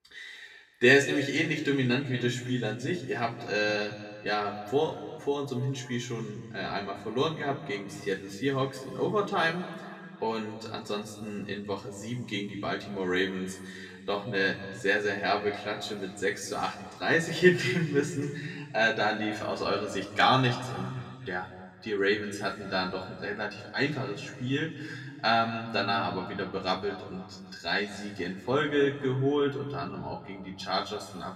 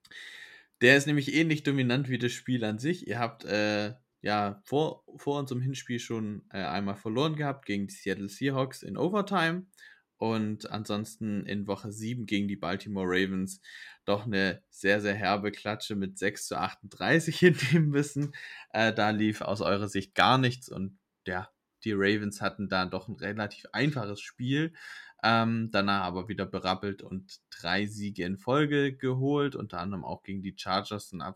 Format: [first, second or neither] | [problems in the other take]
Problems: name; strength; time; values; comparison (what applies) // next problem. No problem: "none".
second | room echo; slight; dies away in 1.9 s // off-mic speech; far